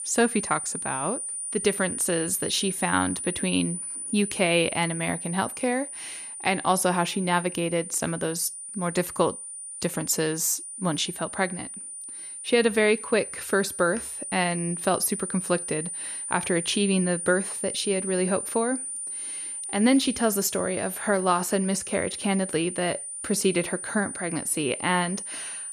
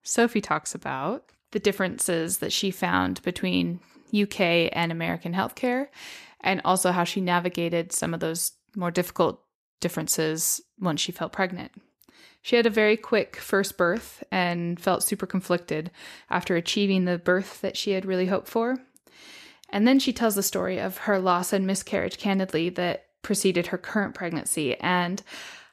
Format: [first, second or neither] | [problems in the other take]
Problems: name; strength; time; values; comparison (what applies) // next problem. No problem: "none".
second | high-pitched whine; loud; throughout; 9.5 kHz, 6 dB below the speech